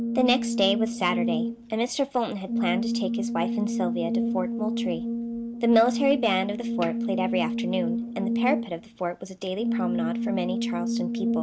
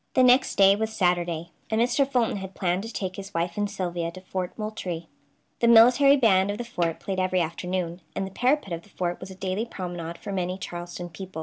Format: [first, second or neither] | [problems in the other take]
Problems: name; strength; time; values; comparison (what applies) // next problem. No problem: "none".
second | background sound (Brass instrument); as loud as the speech